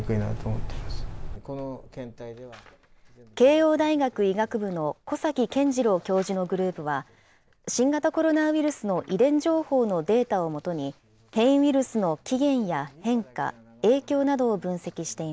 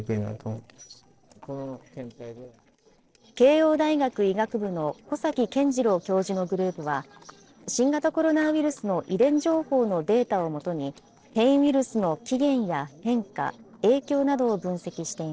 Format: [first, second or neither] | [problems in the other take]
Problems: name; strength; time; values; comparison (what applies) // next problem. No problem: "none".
first | noise reduction (neural separator model SepFormer DNS4)